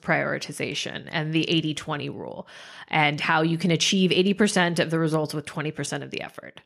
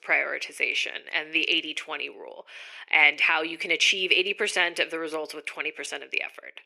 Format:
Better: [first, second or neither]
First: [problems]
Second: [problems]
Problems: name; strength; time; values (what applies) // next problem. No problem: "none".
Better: first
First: none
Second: thin; very; fading below 400 Hz